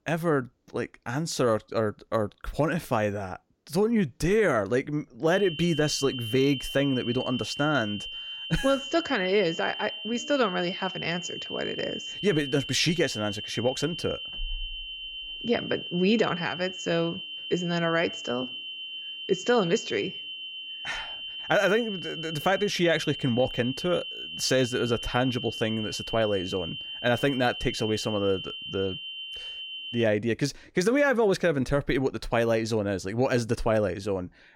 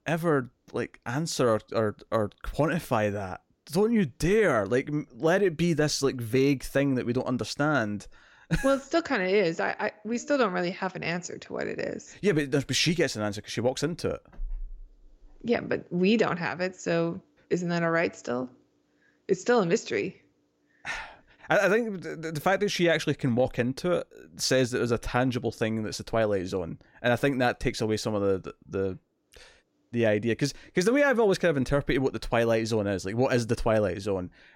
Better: second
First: high-pitched whine; loud; from 5.5 to 30 s; 3 kHz, 8 dB below the speech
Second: none

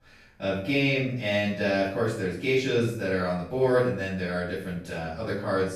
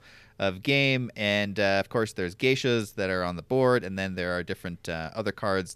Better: second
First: off-mic speech; far // room echo; noticeable; dies away in 0.6 s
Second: none

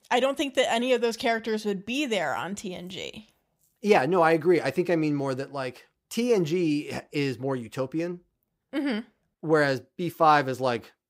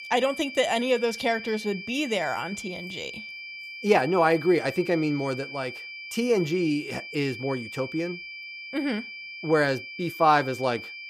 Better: first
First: none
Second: high-pitched whine; noticeable; throughout; 2.5 kHz, 10 dB below the speech

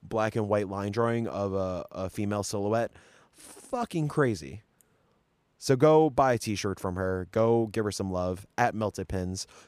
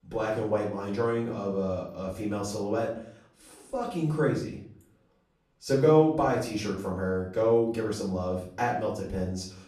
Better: first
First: none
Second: off-mic speech; far // room echo; slight; dies away in 0.5 s

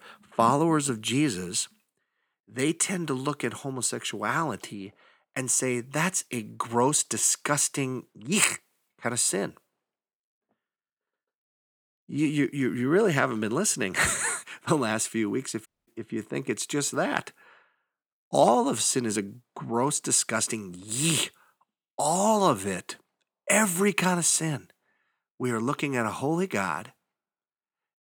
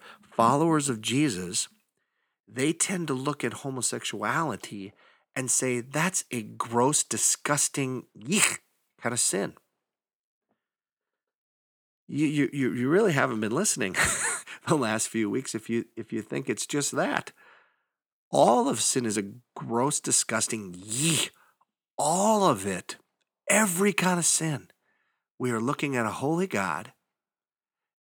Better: second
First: audio cutting out; at 16 s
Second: none

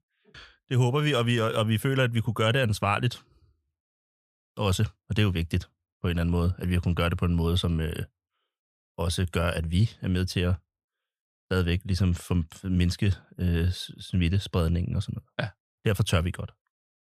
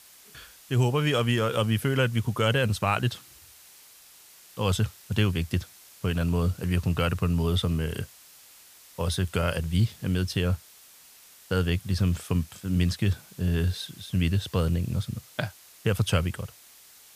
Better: first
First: none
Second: hiss; faint; throughout; 20 dB below the speech

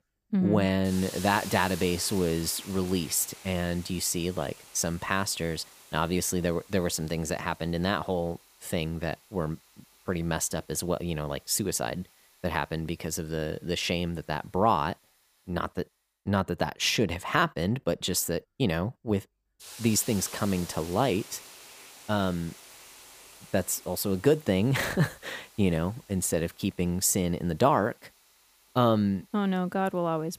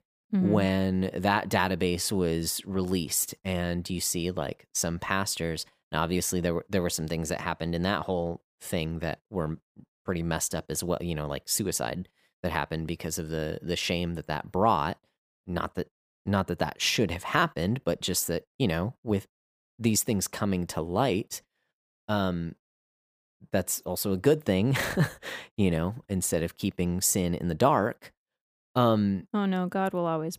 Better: second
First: hiss; noticeable; throughout; 15 dB below the speech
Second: none

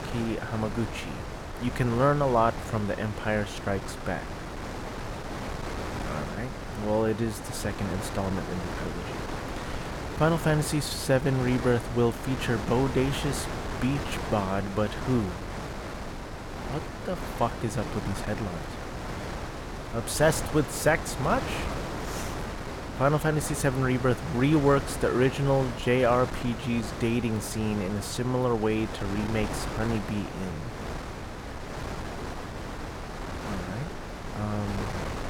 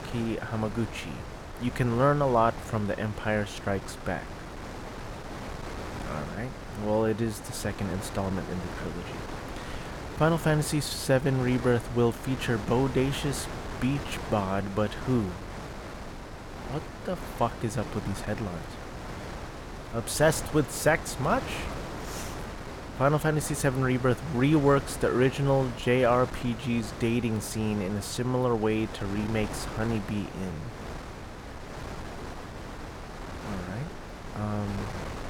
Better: second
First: wind noise on the microphone; heavy; 7 dB below the speech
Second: wind noise on the microphone; occasional gusts; 10 dB below the speech

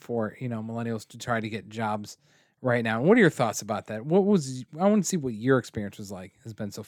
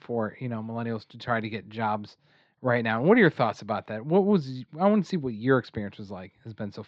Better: first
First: none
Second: muffled; slightly; fading above 4.5 kHz

